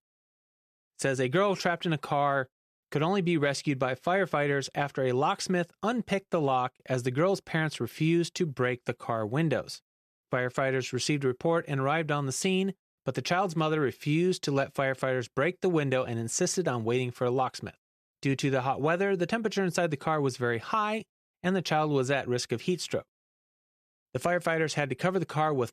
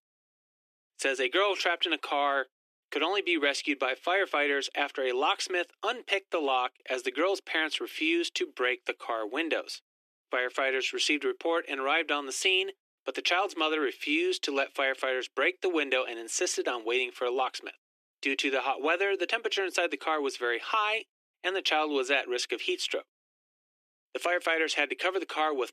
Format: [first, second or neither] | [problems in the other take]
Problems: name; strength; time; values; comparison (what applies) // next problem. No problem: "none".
first | thin; somewhat; fading below 300 Hz